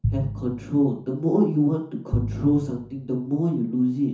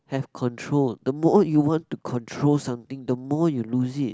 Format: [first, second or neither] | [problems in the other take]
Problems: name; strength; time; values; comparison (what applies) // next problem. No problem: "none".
second | background sound (Piano); 8 dB below the speech // room echo; dies away in 0.9 s